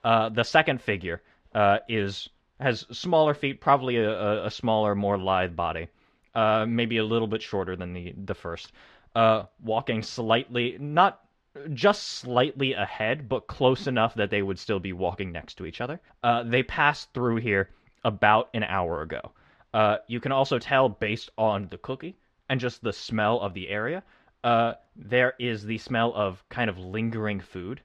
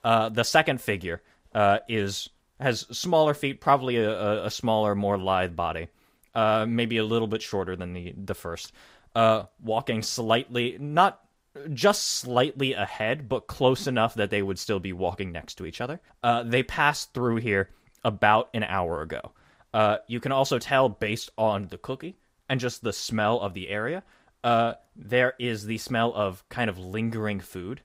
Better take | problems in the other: second | muffled; very slightly; fading above 3 kHz

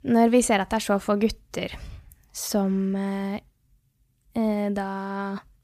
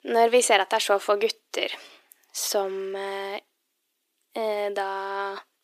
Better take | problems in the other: first | thin; very; fading below 350 Hz

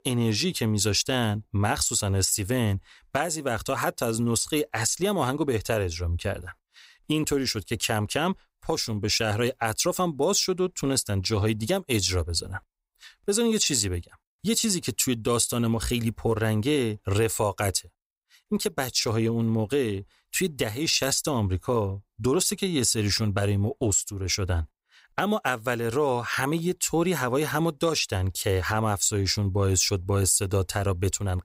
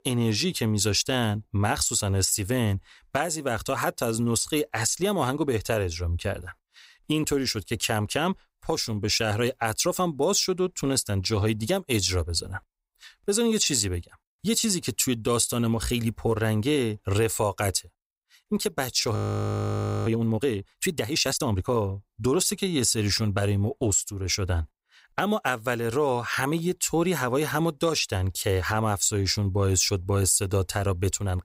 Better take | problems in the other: first | audio freezing; at 19 s for 1 s

